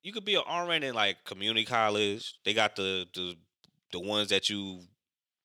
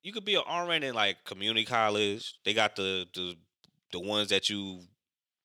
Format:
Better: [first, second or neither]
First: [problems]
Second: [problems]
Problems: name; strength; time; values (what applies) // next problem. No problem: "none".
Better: neither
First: thin; somewhat; fading below 1 kHz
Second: thin; somewhat; fading below 1 kHz